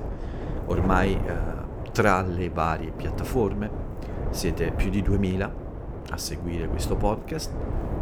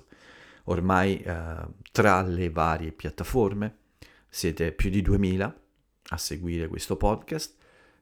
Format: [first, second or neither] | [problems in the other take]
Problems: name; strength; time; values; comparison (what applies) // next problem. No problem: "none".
second | wind noise on the microphone; heavy; 10 dB below the speech